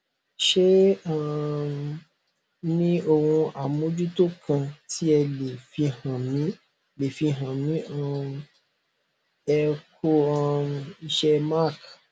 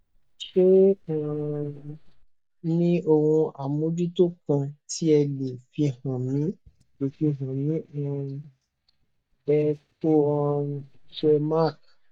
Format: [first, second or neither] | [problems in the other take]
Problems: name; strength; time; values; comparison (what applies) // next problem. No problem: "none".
first | noise reduction (neural mask model DeepFilterNet 3)